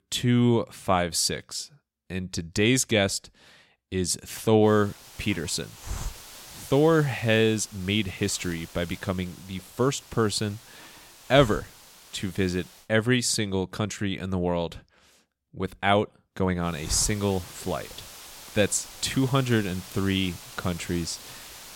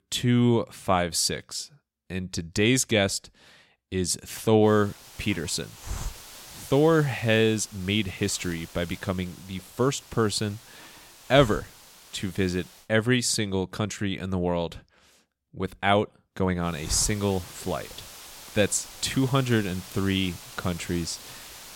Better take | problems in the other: neither | hiss; noticeable; from 4.5 to 13 s and from 17 s on; 15 dB below the speech; the same in both

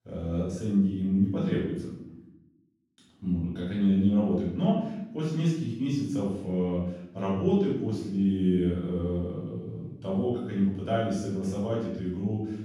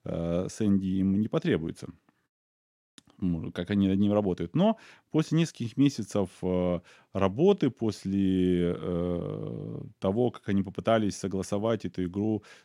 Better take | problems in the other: second | off-mic speech; far // room echo; noticeable; dies away in 0.8 s

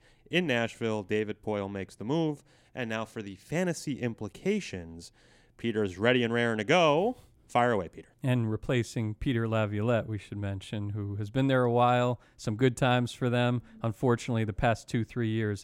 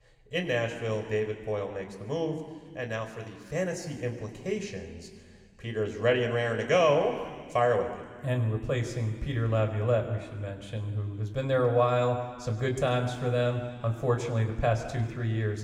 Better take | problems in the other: first | room echo; slight; dies away in 1.8 s

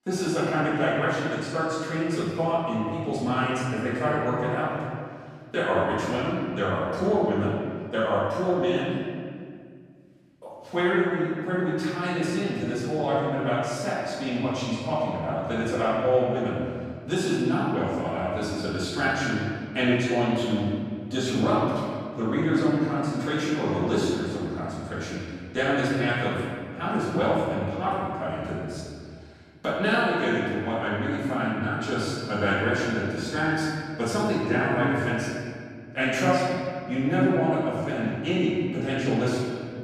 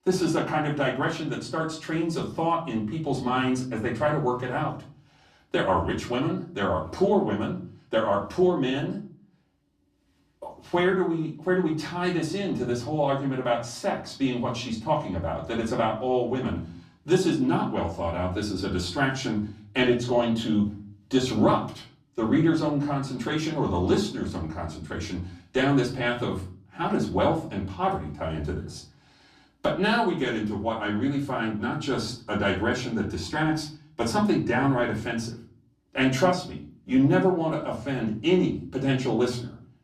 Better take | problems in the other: second | room echo; strong; dies away in 1.9 s; slight in the second // off-mic speech; far; far in the second

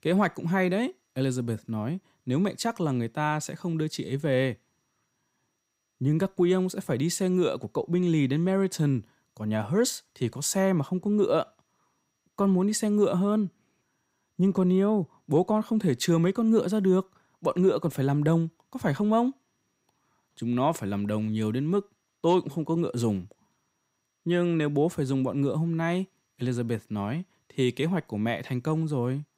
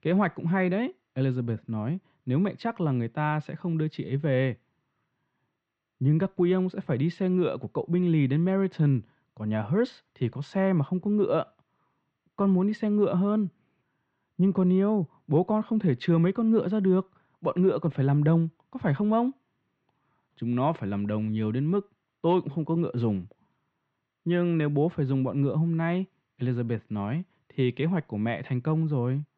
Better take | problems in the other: first | muffled; very; fading above 3 kHz

